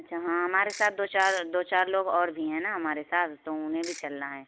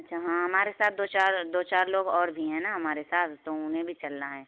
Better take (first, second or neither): second